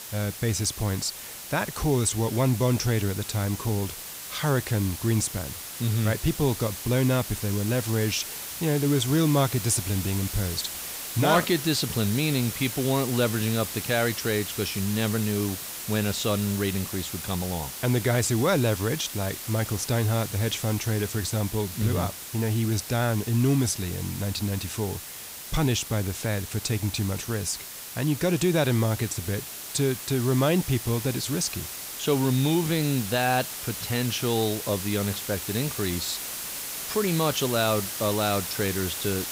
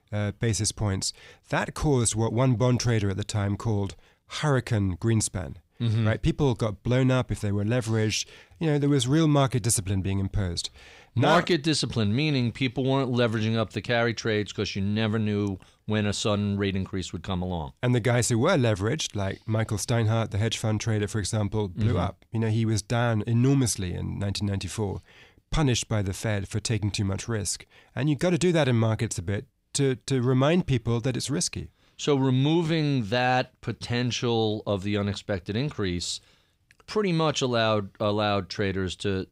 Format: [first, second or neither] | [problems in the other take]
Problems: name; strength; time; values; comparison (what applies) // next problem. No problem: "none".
second | hiss; loud; throughout; 7 dB below the speech